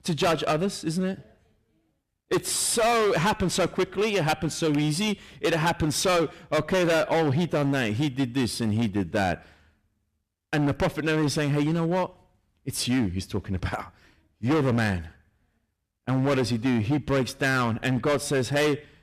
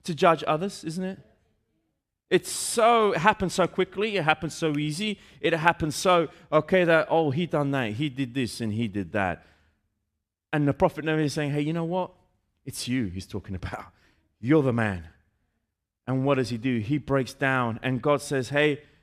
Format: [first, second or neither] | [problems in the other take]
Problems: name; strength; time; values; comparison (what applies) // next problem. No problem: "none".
second | distortion; heavy; 14% of the sound clipped